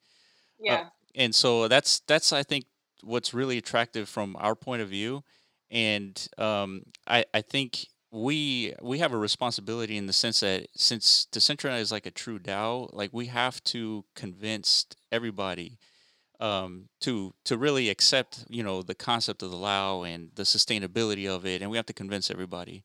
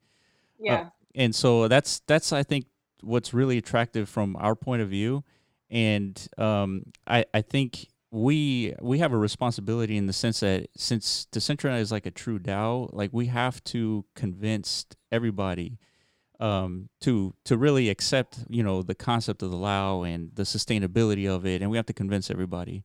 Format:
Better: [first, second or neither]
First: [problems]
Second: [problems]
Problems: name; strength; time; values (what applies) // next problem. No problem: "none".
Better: second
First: thin; very slightly; fading below 500 Hz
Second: none